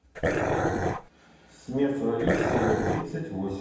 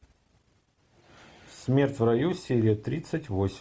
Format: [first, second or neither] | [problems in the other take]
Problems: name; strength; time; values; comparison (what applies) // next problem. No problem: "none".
second | background sound (Dog); 4 dB above the speech // room echo; dies away in 1.1 s